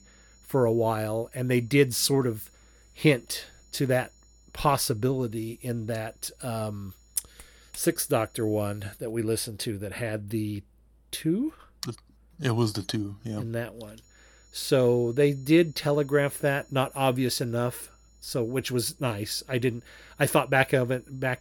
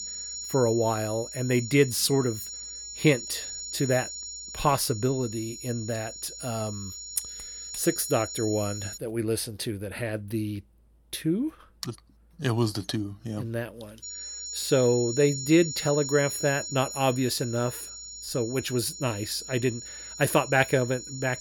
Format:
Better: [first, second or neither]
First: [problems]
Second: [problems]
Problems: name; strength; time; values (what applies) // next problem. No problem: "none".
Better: first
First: high-pitched whine; faint; until 9 s and from 14 s on; 7 kHz, 30 dB below the speech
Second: high-pitched whine; loud; until 9 s and from 14 s on; 7 kHz, 8 dB below the speech